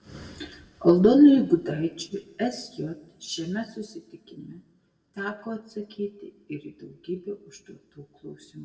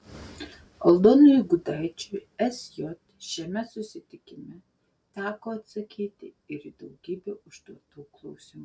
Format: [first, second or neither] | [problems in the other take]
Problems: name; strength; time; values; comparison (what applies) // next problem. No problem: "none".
second | room echo; dies away in 0.7 s